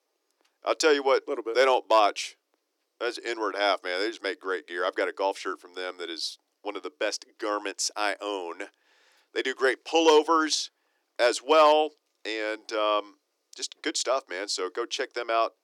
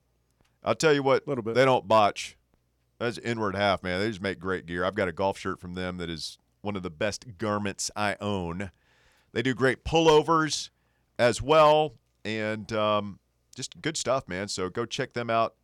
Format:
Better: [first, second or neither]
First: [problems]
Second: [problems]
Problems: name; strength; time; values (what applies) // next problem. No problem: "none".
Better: second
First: thin; somewhat; fading below 300 Hz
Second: none